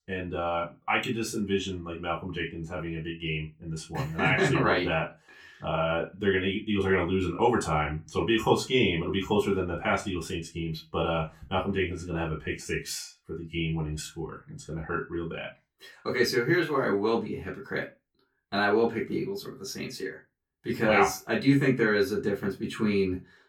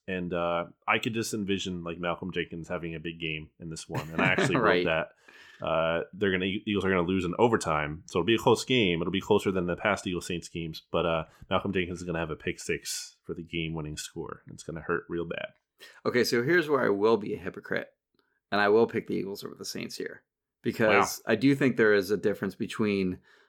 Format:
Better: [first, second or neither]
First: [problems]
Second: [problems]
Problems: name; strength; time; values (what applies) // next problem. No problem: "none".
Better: second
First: off-mic speech; far // room echo; very slight; dies away in 0.2 s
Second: none